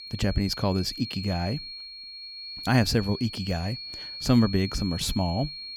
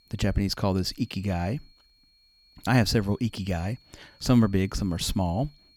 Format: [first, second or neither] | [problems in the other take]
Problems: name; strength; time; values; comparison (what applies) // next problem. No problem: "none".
second | high-pitched whine; loud; throughout; 4.5 kHz, 10 dB below the speech; faint in the second